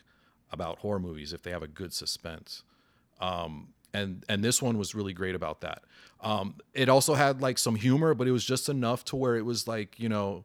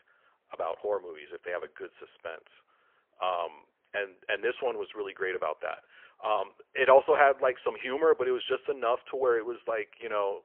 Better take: first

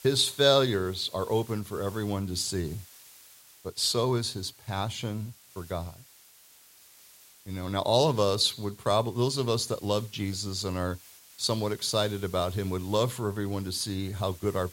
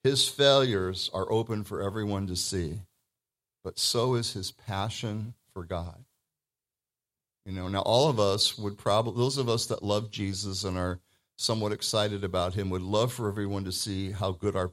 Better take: second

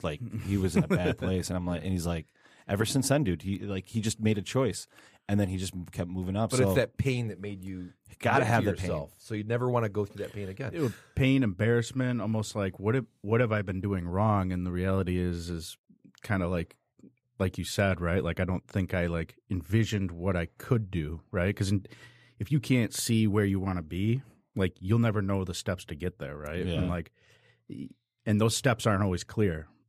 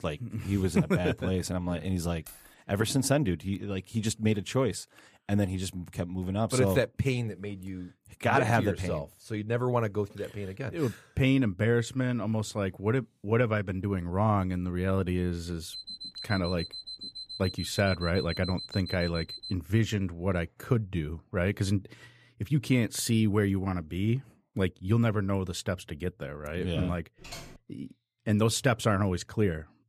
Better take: first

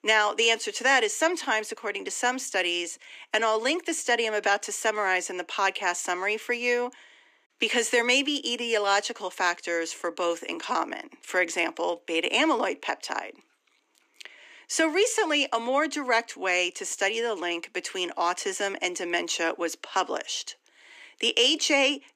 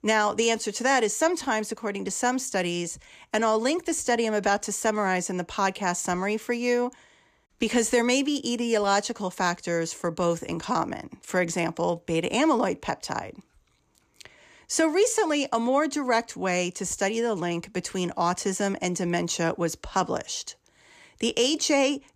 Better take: second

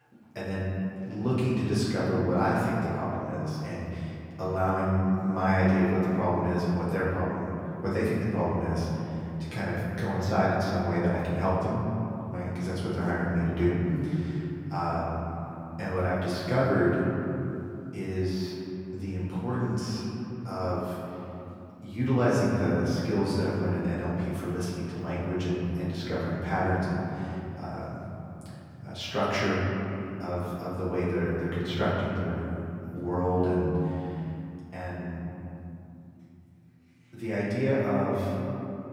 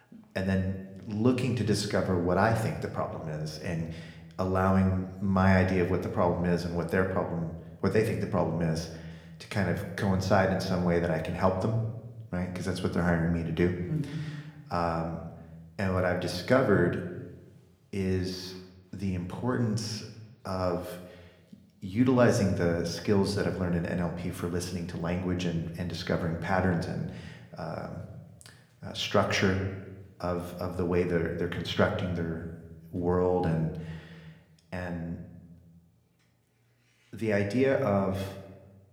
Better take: second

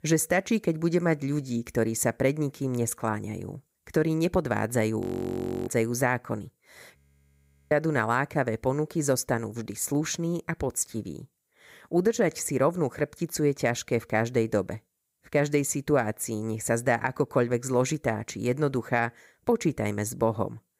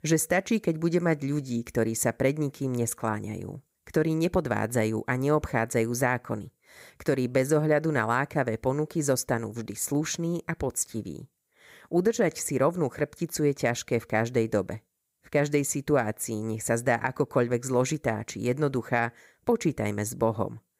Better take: second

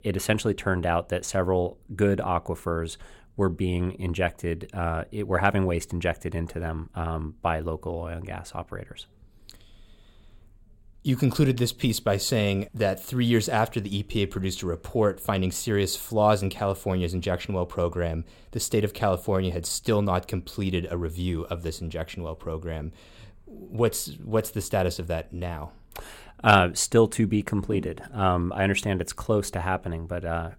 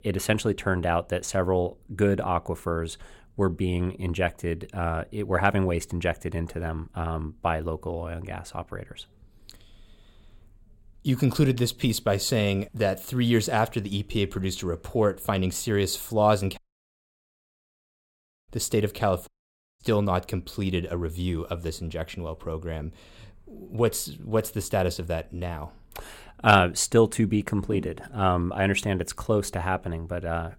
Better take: first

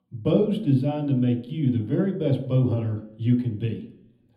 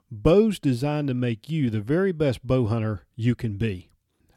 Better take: second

